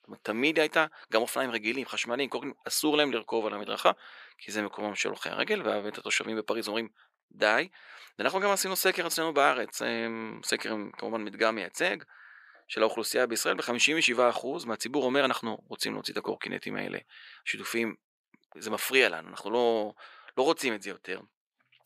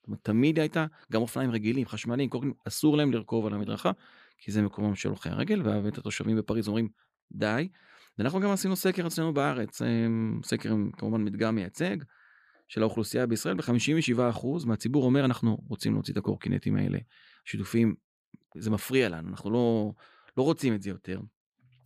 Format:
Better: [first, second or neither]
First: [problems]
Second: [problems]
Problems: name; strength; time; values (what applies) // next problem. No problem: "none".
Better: second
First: thin; very; fading below 600 Hz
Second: none